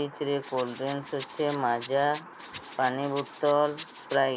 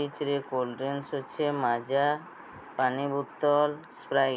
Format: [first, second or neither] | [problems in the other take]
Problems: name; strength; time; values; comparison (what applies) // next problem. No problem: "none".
second | background sound (Rattle); 18 dB below the speech